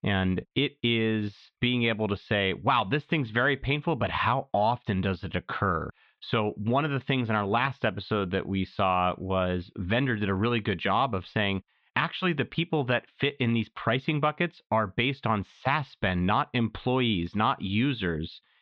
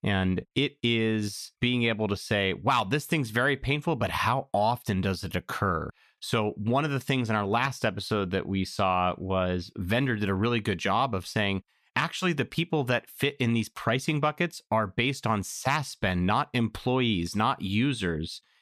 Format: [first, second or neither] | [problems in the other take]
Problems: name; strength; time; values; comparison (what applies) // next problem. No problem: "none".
second | muffled; slightly; fading above 3.5 kHz